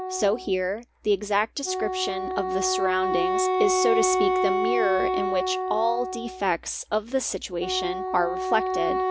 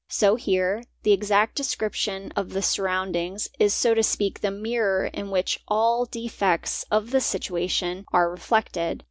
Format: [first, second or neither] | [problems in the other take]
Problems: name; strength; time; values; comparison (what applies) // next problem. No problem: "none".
second | background sound (Wind instrument, woodwind instrument); as loud as the speech